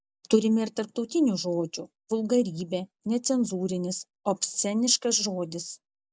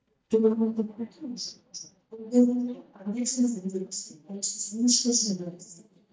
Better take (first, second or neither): first